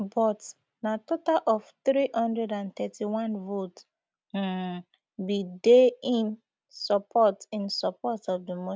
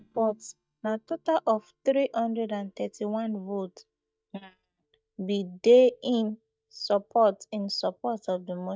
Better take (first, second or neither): first